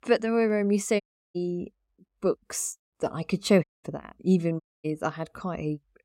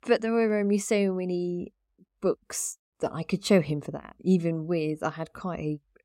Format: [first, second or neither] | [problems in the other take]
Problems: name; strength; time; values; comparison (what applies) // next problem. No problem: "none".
second | audio cutting out; at 1 s, at 3.5 s and at 4.5 s